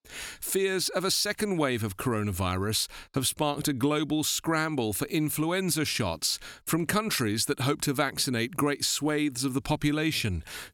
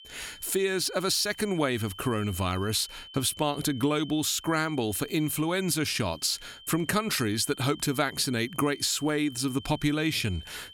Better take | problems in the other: first | high-pitched whine; noticeable; throughout; 3 kHz, 20 dB below the speech

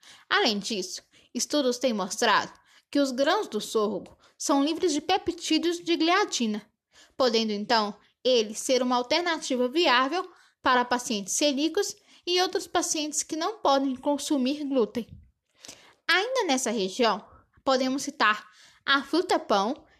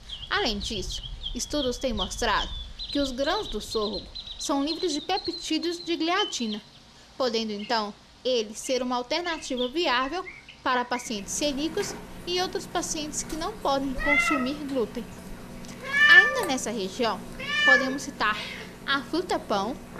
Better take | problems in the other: first | animal sounds; very loud; throughout; 2 dB above the speech

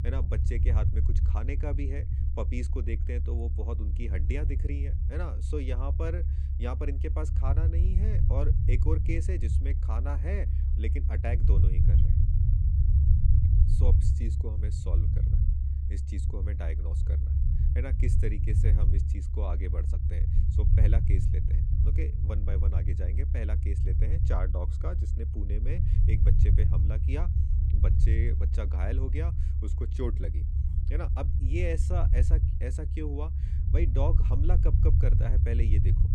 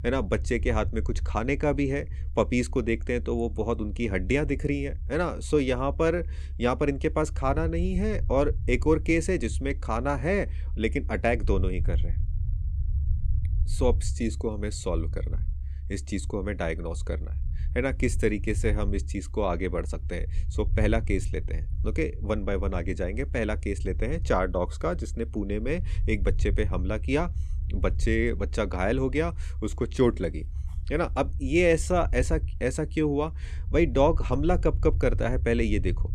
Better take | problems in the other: second | low rumble; loud; throughout; 3 dB below the speech; faint in the second

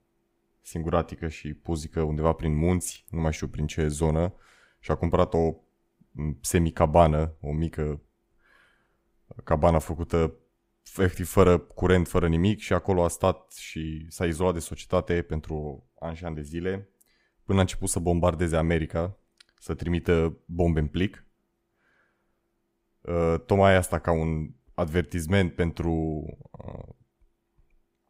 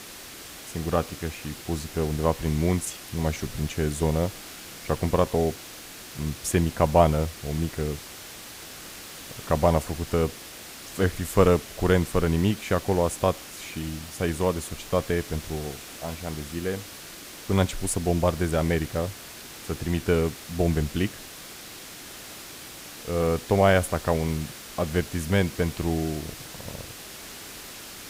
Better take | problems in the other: first | hiss; noticeable; throughout; 15 dB below the speech

